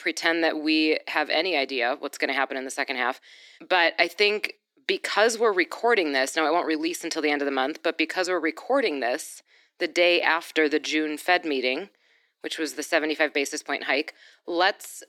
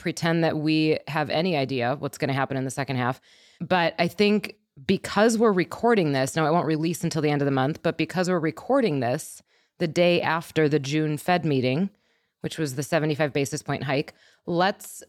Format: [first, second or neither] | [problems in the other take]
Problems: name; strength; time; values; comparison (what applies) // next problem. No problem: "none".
second | thin; somewhat; fading below 300 Hz